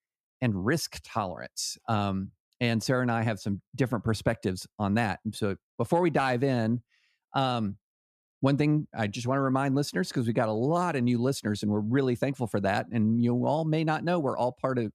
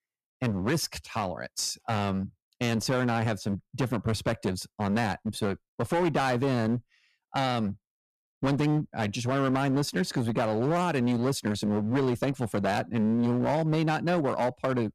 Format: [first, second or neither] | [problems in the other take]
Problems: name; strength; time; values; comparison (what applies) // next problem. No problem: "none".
first | distortion; slight; 15% of the sound clipped